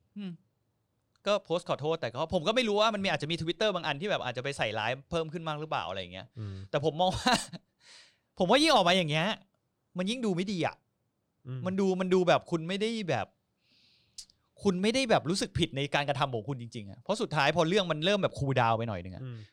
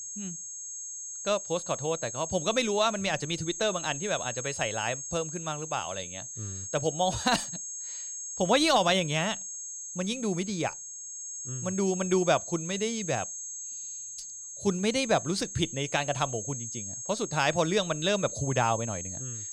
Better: first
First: none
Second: high-pitched whine; loud; throughout; 6.5 kHz, 7 dB below the speech

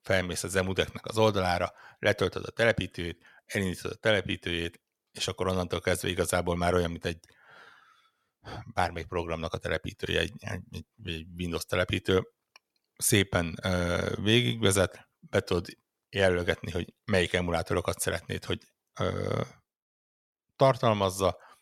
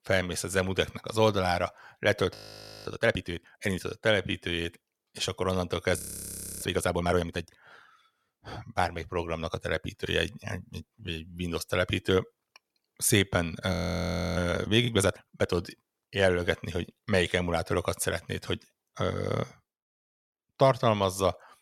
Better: first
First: none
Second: audio freezing; at 2.5 s for 0.5 s, at 6 s for 0.5 s and at 14 s for 0.5 s

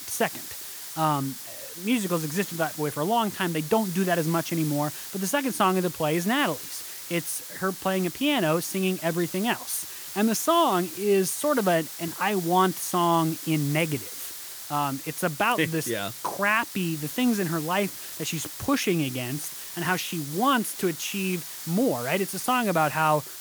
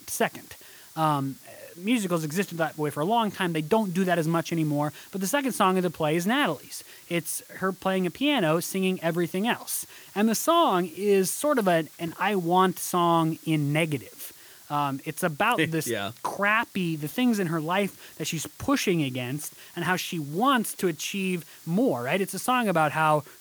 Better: second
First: hiss; loud; throughout; 9 dB below the speech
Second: hiss; faint; throughout; 20 dB below the speech

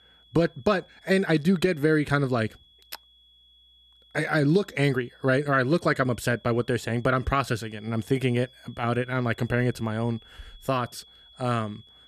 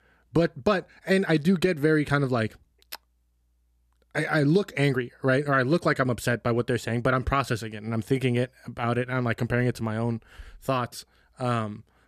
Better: second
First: high-pitched whine; faint; throughout; 3.5 kHz, 25 dB below the speech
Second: none

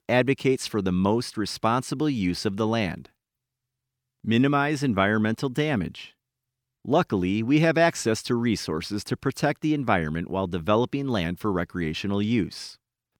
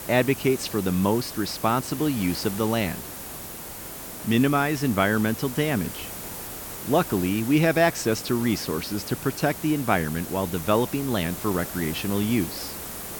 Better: first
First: none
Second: hiss; loud; throughout; 10 dB below the speech

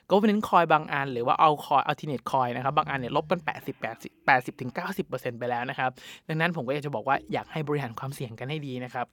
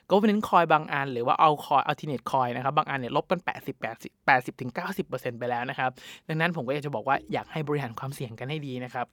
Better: second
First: alarms or sirens; faint; until 5 s; 25 dB below the speech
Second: none

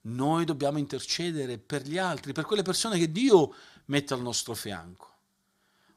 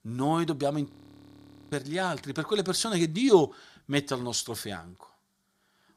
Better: first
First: none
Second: audio freezing; at 1 s for 1 s

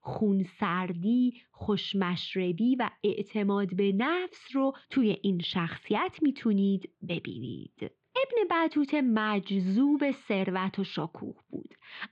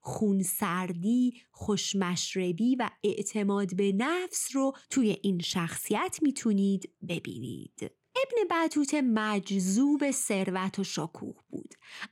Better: second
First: muffled; very; fading above 4 kHz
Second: none

